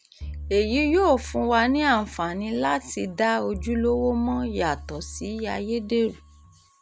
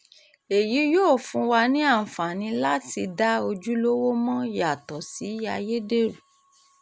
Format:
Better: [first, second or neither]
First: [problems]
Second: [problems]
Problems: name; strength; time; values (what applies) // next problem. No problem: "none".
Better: second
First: background sound (Bowed string instrument); 14 dB below the speech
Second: none